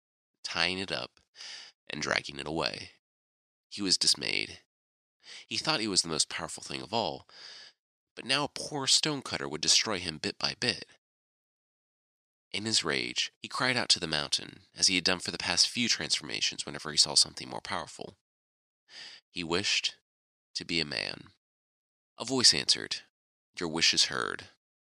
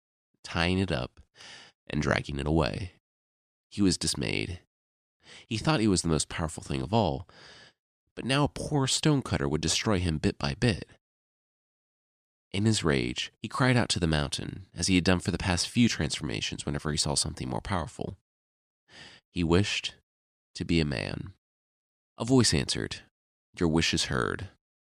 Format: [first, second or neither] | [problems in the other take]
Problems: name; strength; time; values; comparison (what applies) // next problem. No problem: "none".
second | thin; somewhat; fading below 600 Hz